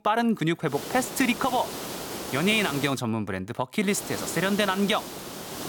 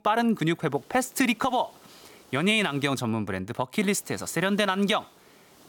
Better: second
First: hiss; loud; from 0.5 to 3 s and from 4 s on; 9 dB below the speech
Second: hiss; faint; from 0.5 to 3 s and from 4 s on; 30 dB below the speech

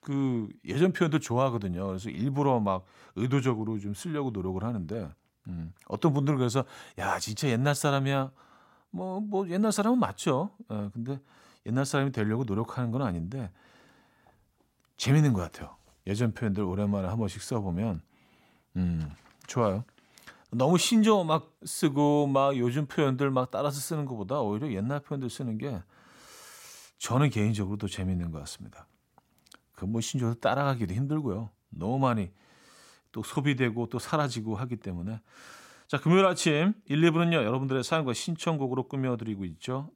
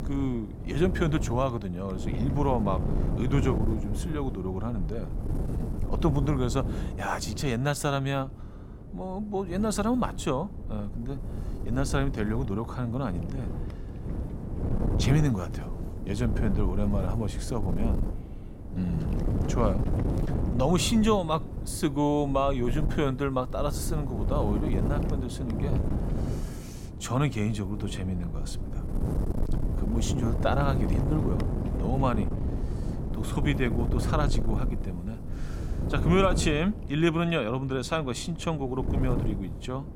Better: first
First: none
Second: wind noise on the microphone; heavy; 9 dB below the speech

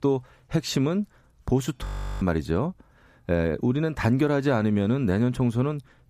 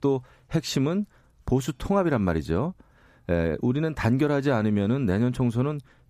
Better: second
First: audio freezing; at 2 s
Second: none

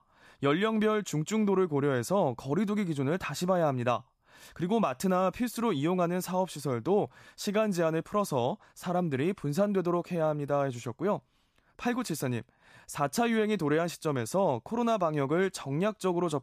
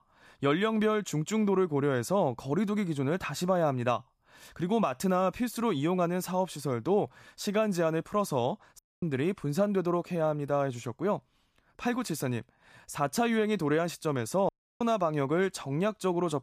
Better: first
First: none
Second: audio cutting out; at 9 s and at 14 s

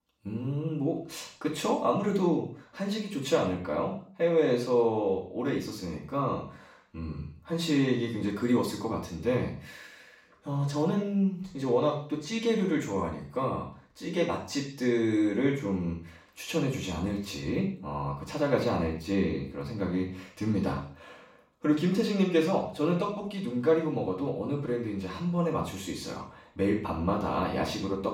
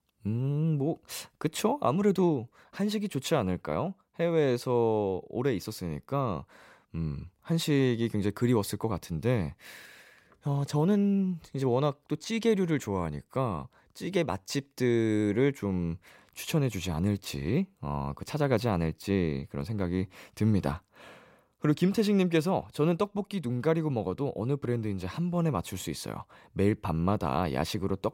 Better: second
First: room echo; noticeable; dies away in 0.5 s // off-mic speech; far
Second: none

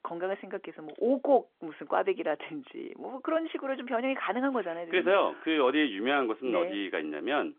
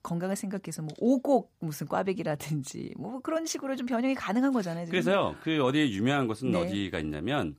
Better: second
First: phone-call audio; nothing above 3.5 kHz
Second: none

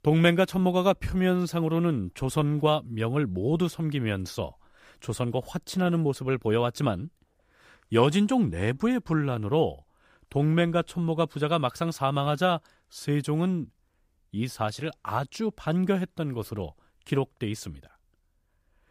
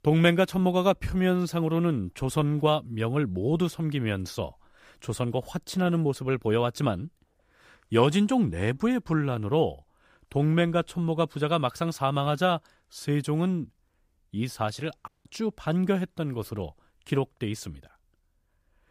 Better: first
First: none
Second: audio cutting out; at 15 s

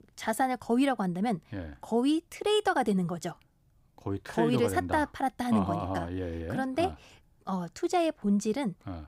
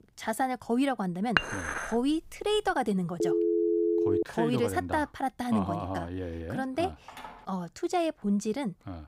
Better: first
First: none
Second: clattering dishes; loud; at 1.5 s; peak 2 dB above the speech // phone ringing; loud; from 3 to 4 s; peak 4 dB above the speech // phone ringing; faint; at 7 s; peak 15 dB below the speech

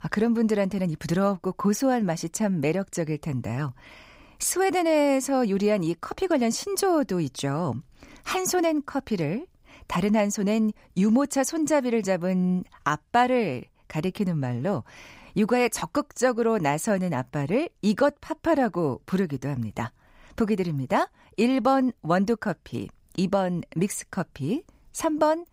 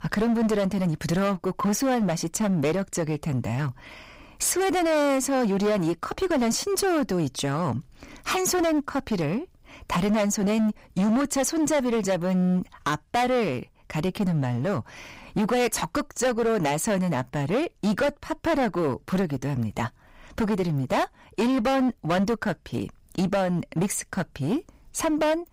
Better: first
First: none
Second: distortion; heavy; 17% of the sound clipped

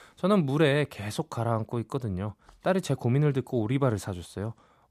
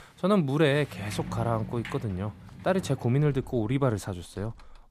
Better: first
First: none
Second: household noises; noticeable; throughout; 15 dB below the speech

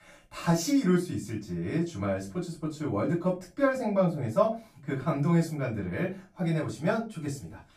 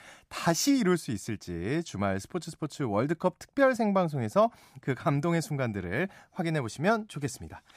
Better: second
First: off-mic speech; far // room echo; slight; dies away in 0.2 s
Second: none

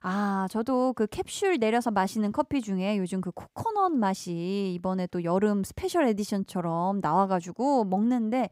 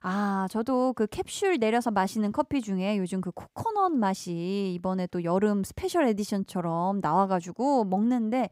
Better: neither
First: none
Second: none

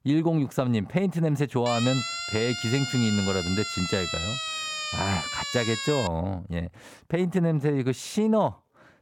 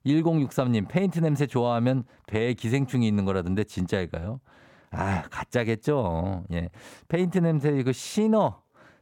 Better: second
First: siren; noticeable; from 1.5 to 6 s; peak 2 dB below the speech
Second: none

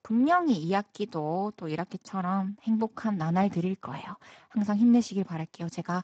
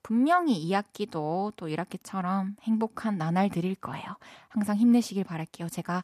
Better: second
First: garbled, watery; badly; nothing above 7.5 kHz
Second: none

